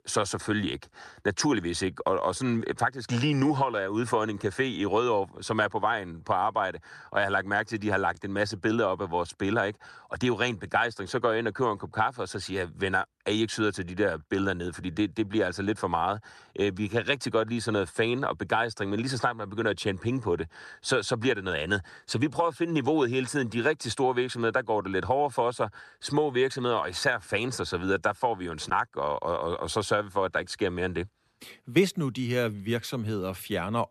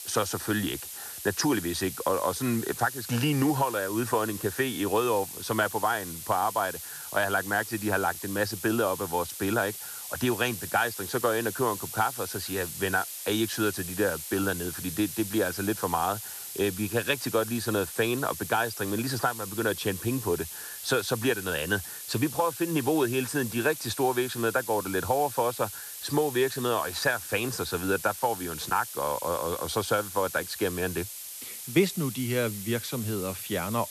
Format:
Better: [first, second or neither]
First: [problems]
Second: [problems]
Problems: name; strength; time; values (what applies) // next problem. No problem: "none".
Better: first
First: none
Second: hiss; loud; throughout; 8 dB below the speech